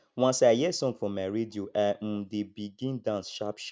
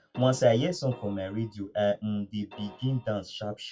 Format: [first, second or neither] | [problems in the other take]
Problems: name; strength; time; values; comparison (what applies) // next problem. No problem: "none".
first | noise reduction (classical method WPE with log-MMSE)